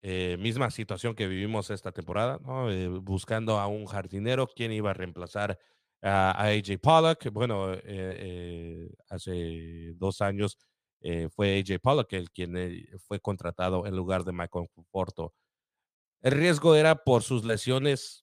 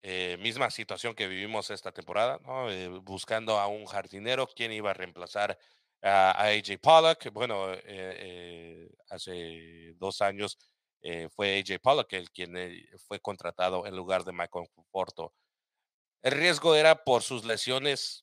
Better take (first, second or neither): first